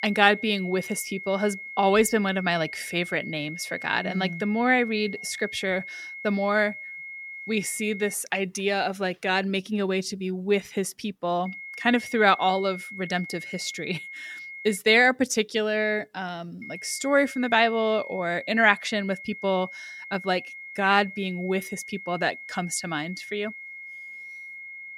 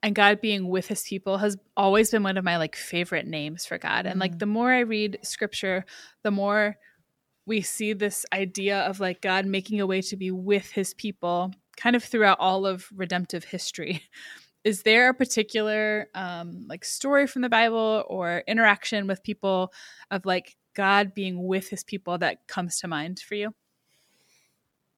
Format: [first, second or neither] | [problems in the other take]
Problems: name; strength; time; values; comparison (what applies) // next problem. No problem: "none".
second | high-pitched whine; noticeable; until 8 s, from 11 to 15 s and from 17 s on; 2 kHz, 10 dB below the speech